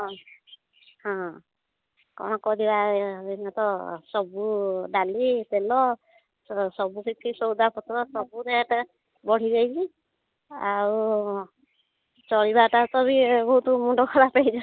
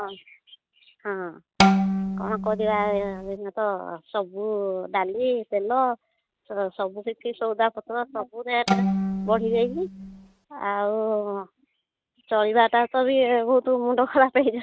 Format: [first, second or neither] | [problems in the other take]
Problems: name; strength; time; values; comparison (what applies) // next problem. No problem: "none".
first | noise reduction (neural mask model RNNoise)